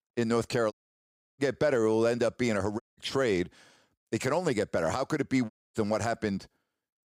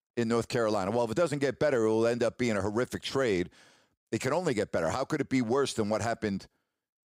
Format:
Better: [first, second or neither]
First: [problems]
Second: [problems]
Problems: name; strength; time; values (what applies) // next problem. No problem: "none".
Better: second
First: audio cutting out; at 0.5 s for 0.5 s, at 3 s and at 5.5 s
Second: none